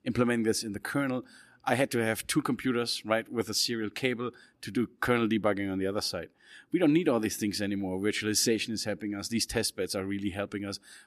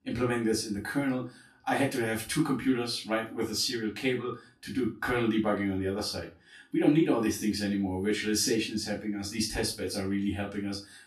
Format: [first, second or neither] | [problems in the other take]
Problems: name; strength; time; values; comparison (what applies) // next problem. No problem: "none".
first | off-mic speech; far // room echo; slight; dies away in 0.3 s